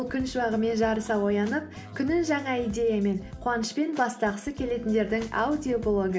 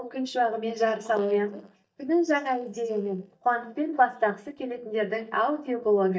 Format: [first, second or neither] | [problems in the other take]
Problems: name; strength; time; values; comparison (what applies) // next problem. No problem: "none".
first | noise reduction (neural mask model DeepFilterNet 3)